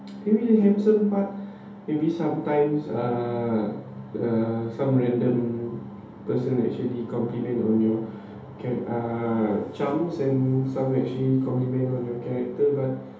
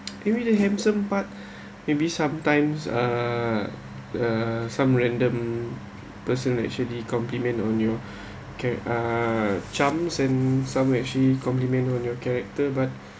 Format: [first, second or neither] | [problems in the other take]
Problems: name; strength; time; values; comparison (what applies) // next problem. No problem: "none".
second | room echo; dies away in 0.8 s